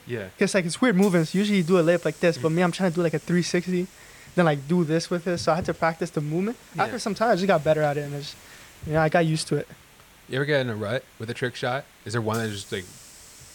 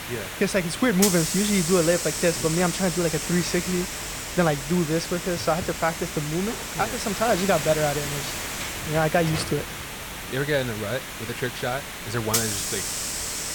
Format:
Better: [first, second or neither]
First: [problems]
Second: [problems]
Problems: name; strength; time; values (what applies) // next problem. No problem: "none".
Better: first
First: hiss; faint; throughout; 20 dB below the speech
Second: hiss; loud; throughout; 3 dB below the speech